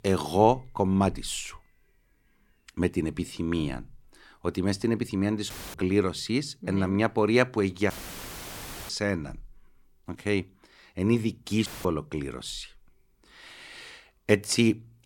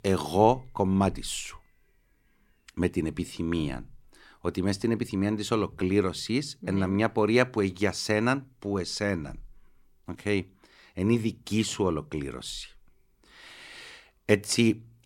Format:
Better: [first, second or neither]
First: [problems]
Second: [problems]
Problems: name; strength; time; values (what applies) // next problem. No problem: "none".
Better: second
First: audio cutting out; filled with static; at 5.5 s, at 8 s for 1 s and at 12 s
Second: none